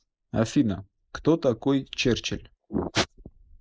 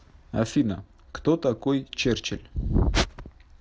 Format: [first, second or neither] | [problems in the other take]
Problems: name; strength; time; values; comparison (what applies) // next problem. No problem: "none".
second | noise reduction (neural mask model Resemble Enhance denoiser)